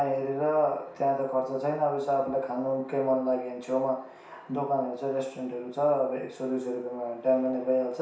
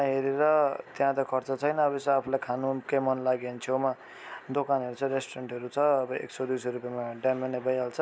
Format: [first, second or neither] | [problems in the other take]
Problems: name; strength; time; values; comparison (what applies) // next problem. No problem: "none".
second | room echo; dies away in 0.6 s